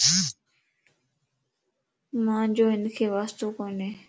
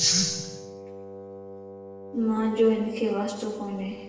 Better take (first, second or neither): first